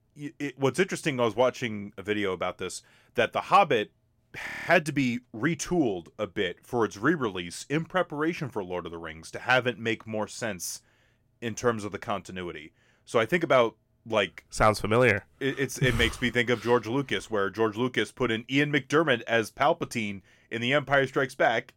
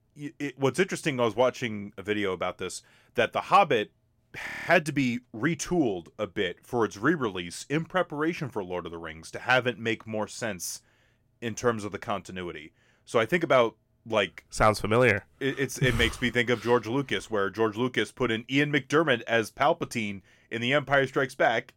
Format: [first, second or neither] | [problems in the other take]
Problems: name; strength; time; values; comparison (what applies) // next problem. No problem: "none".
neither | audio freezing; at 4.5 s; the same in both